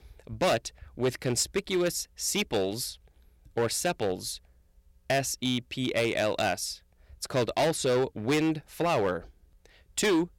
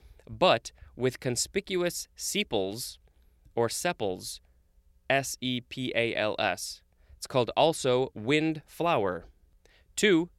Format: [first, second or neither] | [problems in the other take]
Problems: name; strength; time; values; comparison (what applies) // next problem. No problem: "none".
second | distortion; heavy; 7% of the sound clipped